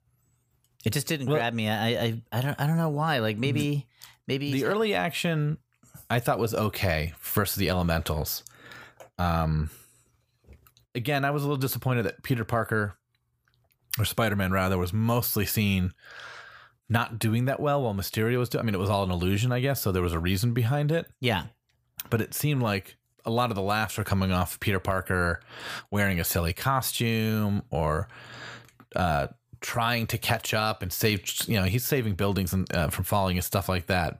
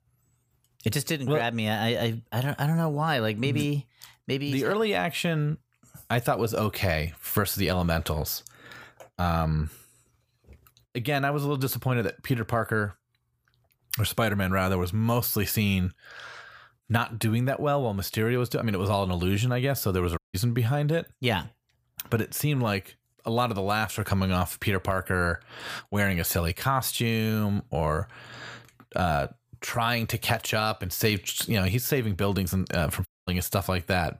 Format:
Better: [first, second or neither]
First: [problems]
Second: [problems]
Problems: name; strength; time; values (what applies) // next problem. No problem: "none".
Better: first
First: none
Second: audio cutting out; at 20 s and at 33 s